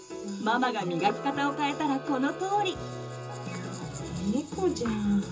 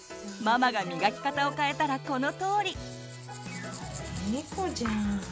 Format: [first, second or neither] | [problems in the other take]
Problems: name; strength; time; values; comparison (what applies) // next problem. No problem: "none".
second | background sound (Camera); 14 dB below the speech // room echo; dies away in 0.2 s